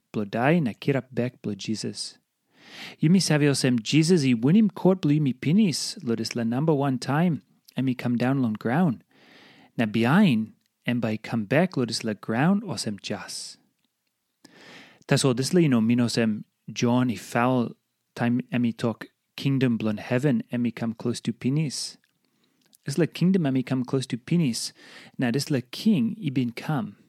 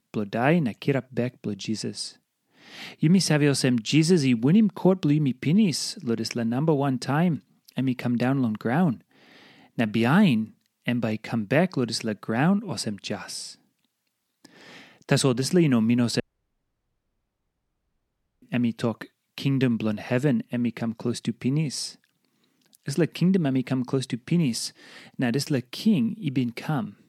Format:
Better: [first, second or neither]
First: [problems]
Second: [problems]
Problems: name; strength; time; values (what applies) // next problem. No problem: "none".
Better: first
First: none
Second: audio cutting out; at 16 s for 2 s